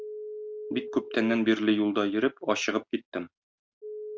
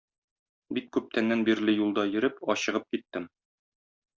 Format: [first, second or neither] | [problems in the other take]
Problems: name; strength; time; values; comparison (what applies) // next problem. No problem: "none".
second | noise reduction (neural mask model RNNoise)